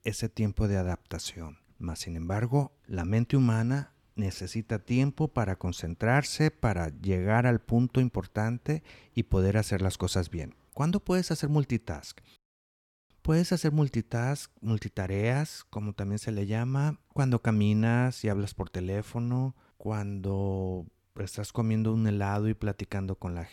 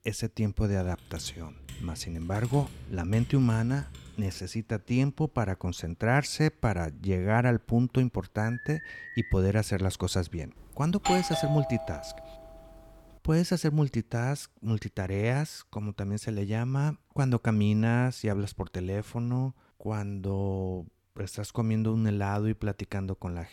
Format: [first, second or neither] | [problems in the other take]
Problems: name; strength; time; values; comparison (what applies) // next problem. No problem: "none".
first | keyboard typing; faint; from 1 to 4.5 s; peak 15 dB below the speech // alarm; faint; at 8.5 s; peak 10 dB below the speech // doorbell; loud; from 11 to 12 s; peak level with the speech